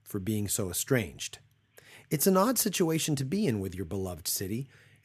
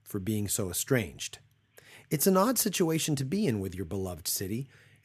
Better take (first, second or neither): neither